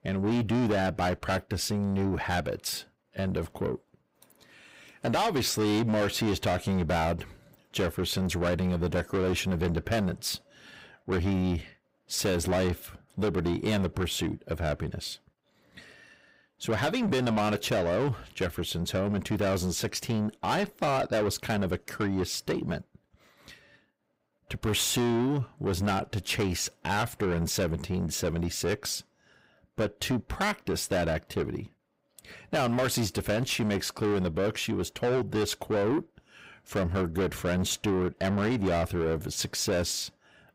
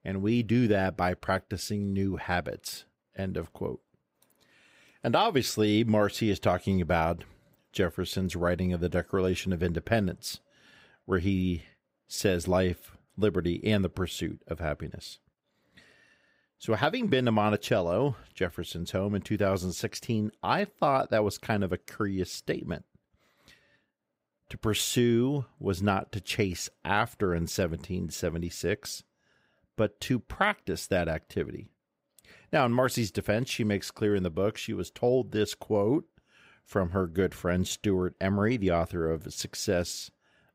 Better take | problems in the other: second | distortion; heavy; 7 dB below the speech

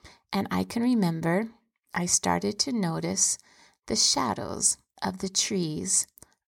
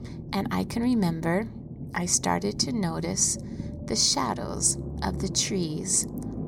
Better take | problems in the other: first | low rumble; noticeable; throughout; 15 dB below the speech

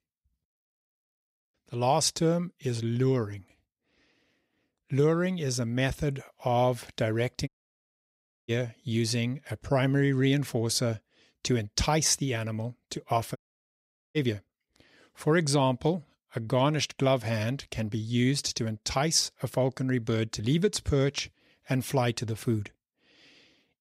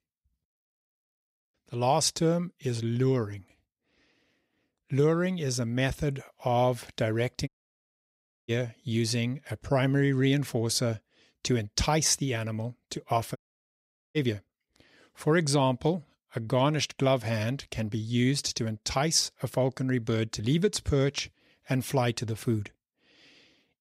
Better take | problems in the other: neither | audio cutting out; at 7.5 s for 1 s and at 13 s for 1 s; the same in both

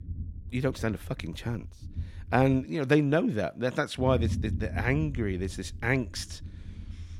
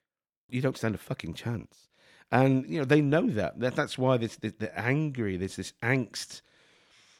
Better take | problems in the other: second | low rumble; faint; until 2.5 s and from 4 s on; 20 dB below the speech

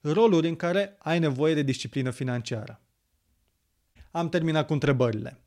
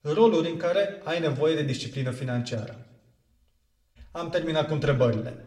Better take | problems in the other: first | room echo; slight; dies away in 0.6 s // off-mic speech; somewhat distant

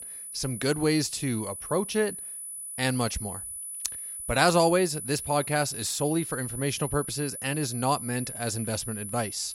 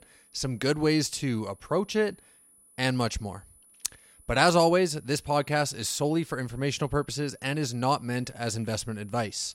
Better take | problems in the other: second | high-pitched whine; loud; throughout; 10 kHz, 7 dB below the speech; faint in the second

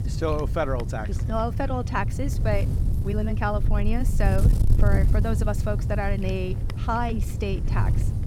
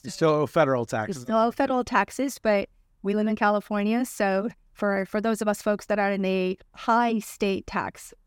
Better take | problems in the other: second | wind noise on the microphone; heavy; 10 dB below the speech

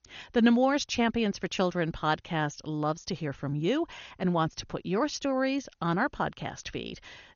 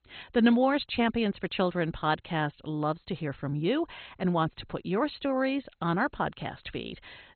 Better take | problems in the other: first | garbled, watery; badly; nothing above 4 kHz; slightly in the first

